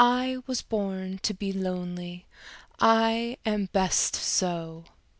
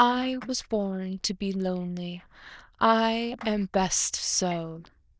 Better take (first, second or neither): first